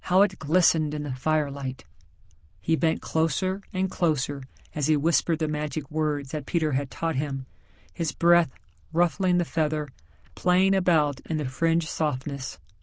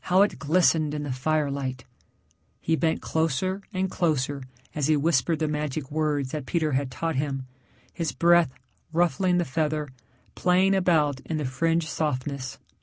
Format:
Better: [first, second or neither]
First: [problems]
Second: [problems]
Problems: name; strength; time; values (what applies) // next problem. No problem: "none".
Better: second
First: noise reduction (neural diffusion model UNIVERSE++)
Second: none